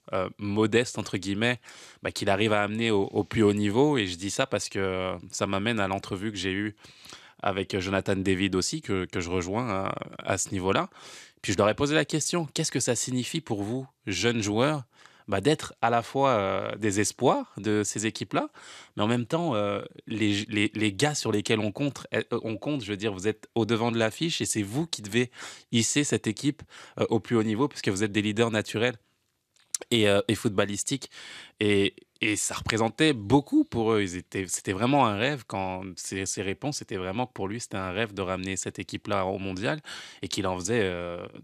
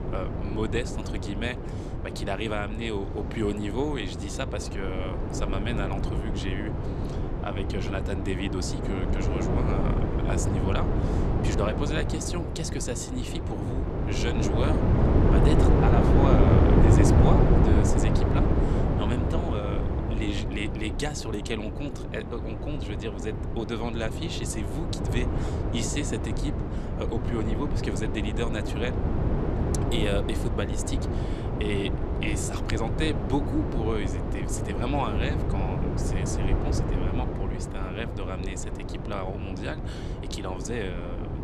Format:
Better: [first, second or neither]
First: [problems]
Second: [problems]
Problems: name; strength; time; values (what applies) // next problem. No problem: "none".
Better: first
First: none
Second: wind noise on the microphone; heavy; 1 dB above the speech